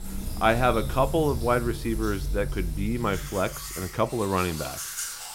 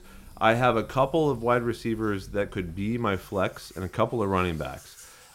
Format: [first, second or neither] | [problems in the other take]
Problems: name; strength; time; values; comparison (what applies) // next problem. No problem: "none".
second | household noises; loud; throughout; 7 dB below the speech; faint in the second